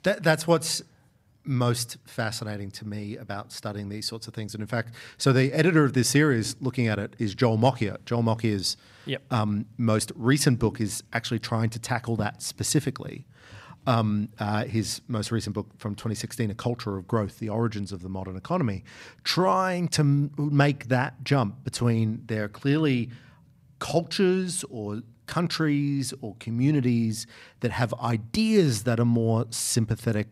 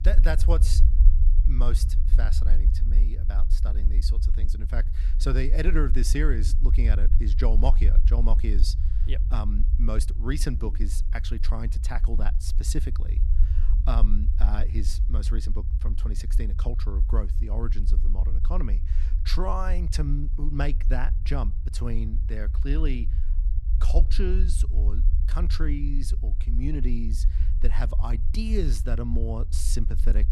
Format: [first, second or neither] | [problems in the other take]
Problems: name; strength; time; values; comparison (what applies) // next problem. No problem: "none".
first | low rumble; noticeable; throughout; 10 dB below the speech